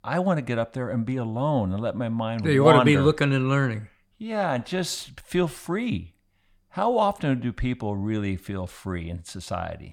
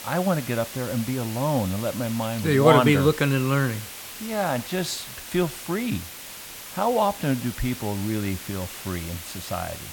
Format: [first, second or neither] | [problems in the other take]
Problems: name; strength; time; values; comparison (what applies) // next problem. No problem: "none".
first | hiss; noticeable; throughout; 10 dB below the speech